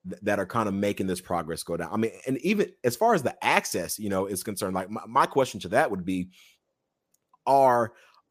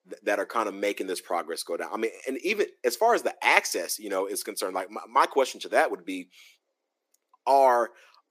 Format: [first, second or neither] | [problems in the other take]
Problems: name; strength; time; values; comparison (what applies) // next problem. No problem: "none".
first | thin; somewhat; fading below 300 Hz